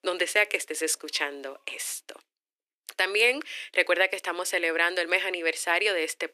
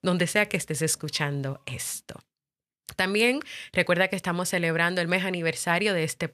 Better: second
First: thin; very; fading below 300 Hz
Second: none

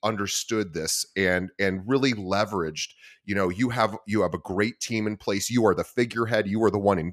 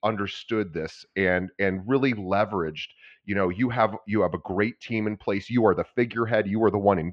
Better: first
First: none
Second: muffled; very; fading above 3 kHz

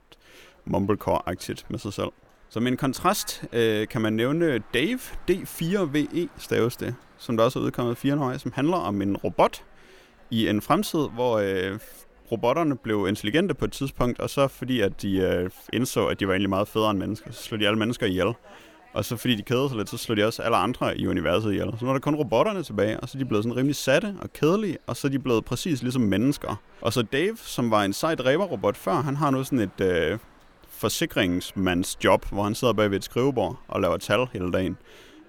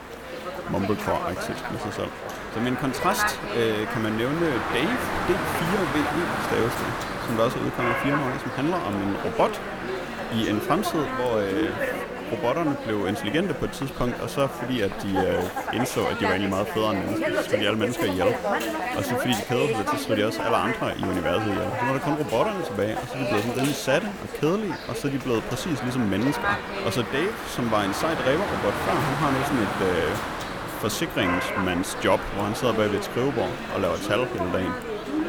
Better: first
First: animal sounds; faint; throughout; 30 dB below the speech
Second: animal sounds; loud; throughout; 2 dB below the speech

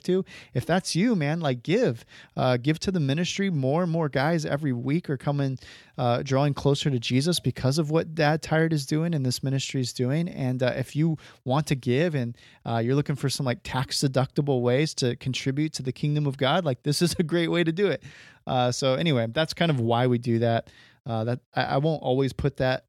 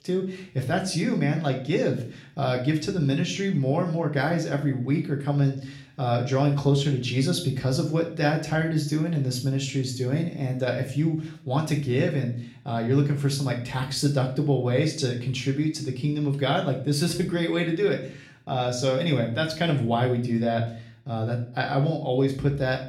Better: first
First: none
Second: room echo; slight; dies away in 0.4 s // off-mic speech; somewhat distant

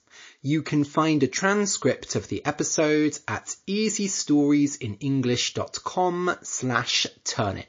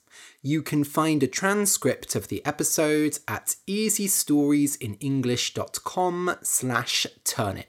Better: second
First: garbled, watery; slightly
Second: none

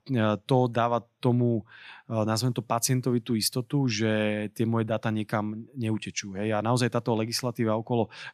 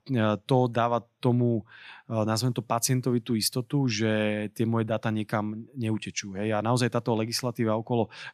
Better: neither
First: none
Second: none

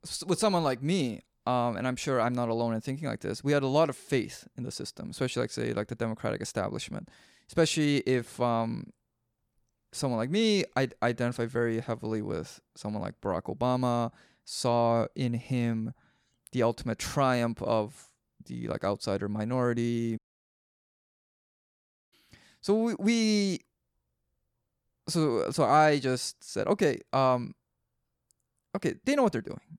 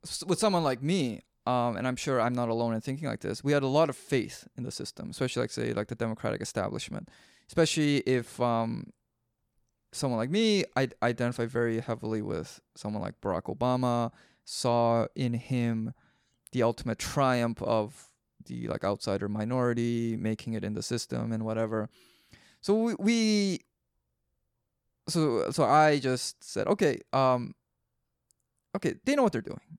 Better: second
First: audio cutting out; at 20 s for 2 s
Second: none

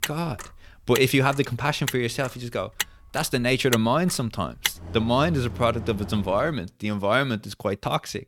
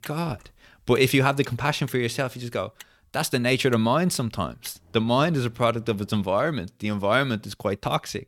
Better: second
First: traffic noise; loud; until 6.5 s; 8 dB below the speech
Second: traffic noise; faint; until 6.5 s; 25 dB below the speech

